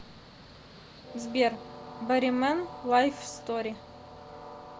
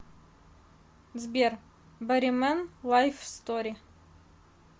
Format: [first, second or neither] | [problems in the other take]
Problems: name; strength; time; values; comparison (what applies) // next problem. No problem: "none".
second | background sound (Train); 15 dB below the speech